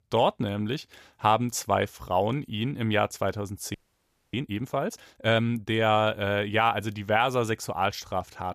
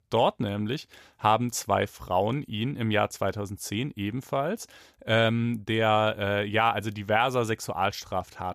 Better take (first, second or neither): second